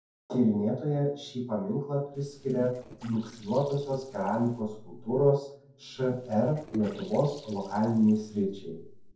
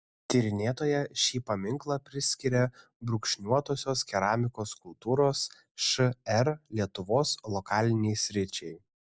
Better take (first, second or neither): second